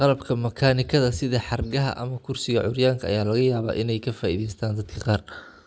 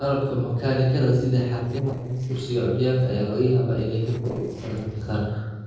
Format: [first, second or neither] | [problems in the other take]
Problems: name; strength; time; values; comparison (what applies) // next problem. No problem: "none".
first | noise reduction (neural separator model SepFormer DNS4)